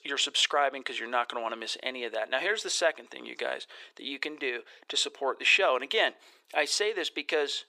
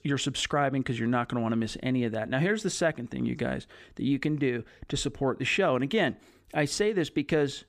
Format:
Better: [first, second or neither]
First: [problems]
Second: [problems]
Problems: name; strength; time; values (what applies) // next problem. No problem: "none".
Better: second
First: thin; very; fading below 450 Hz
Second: none